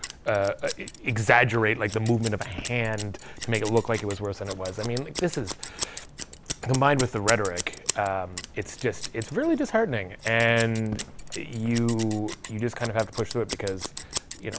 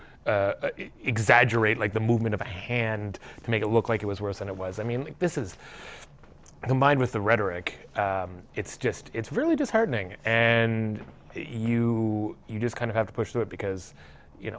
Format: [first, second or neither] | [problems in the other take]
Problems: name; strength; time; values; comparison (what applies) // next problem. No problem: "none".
second | background sound (Scissors); 11 dB below the speech